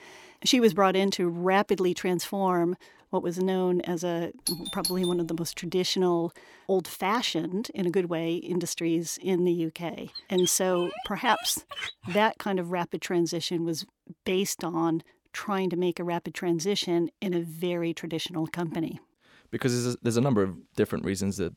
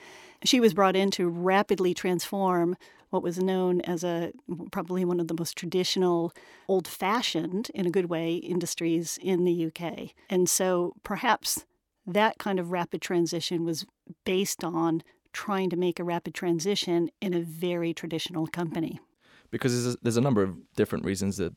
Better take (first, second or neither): second